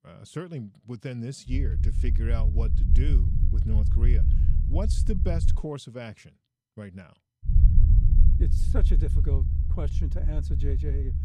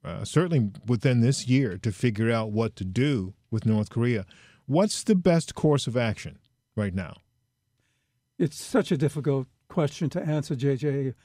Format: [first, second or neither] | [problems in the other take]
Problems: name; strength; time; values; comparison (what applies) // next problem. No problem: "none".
second | low rumble; loud; from 1.5 to 5.5 s and from 7.5 s on; 3 dB below the speech